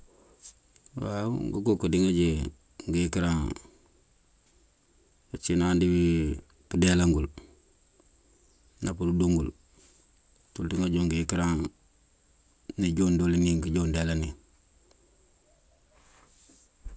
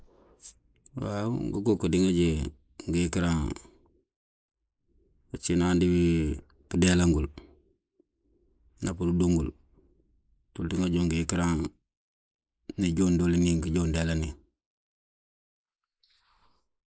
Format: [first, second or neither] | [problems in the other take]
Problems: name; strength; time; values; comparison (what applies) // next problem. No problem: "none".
first | noise reduction (neural mask model Resemble Enhance denoiser)